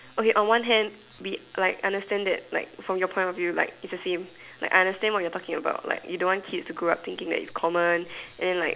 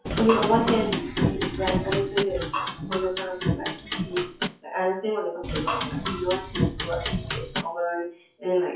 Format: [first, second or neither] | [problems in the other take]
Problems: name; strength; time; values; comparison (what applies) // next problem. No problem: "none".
first | noise reduction (classical method WPE with log-MMSE)